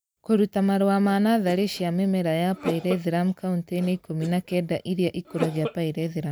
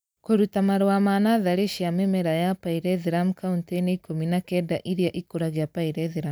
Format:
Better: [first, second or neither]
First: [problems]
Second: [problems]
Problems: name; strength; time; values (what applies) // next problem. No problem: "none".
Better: second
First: background sound (Cough); 13 dB below the speech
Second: none